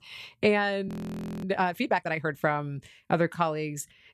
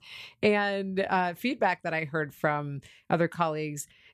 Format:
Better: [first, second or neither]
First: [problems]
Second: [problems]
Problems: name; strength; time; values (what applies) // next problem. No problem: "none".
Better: second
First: audio freezing; at 1 s for 0.5 s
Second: none